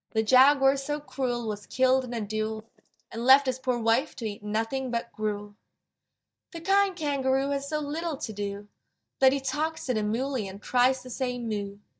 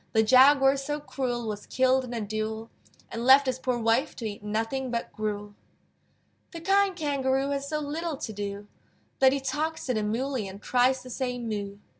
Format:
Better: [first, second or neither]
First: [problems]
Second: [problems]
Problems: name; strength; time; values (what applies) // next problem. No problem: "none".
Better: second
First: noise reduction (neural mask model DeepFilterNet 3)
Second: none